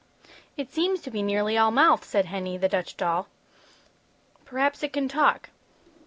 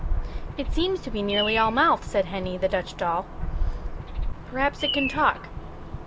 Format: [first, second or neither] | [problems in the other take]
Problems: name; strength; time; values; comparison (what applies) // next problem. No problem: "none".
first | background sound (Bird vocalization, bird call, bird song); 3 dB below the speech